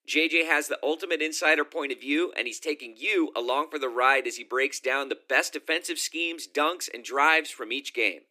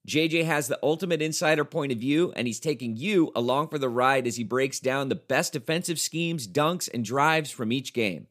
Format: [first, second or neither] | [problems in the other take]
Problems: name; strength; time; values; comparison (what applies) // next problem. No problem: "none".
second | thin; somewhat; fading below 300 Hz